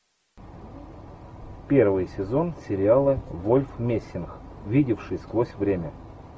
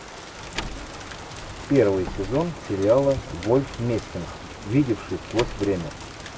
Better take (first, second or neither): first